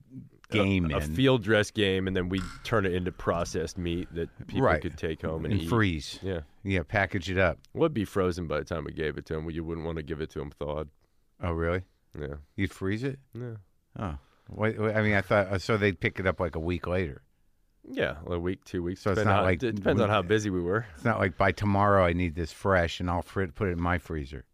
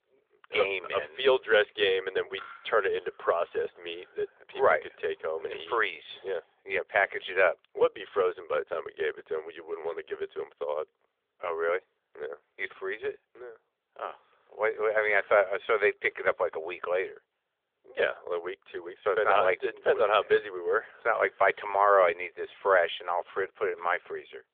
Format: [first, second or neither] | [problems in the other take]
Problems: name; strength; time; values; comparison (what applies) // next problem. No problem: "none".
first | phone-call audio; nothing above 3.5 kHz